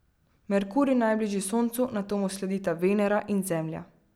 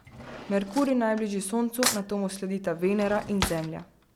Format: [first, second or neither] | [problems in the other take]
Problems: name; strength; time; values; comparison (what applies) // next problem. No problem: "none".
first | background sound (Cutlery, silverware / Drawer open or close); 9 dB below the speech